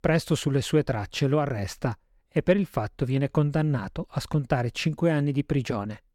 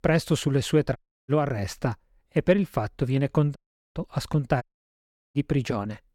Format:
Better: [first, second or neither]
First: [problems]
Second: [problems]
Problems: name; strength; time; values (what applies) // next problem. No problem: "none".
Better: first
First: none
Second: audio cutting out; at 1 s, at 3.5 s and at 4.5 s for 0.5 s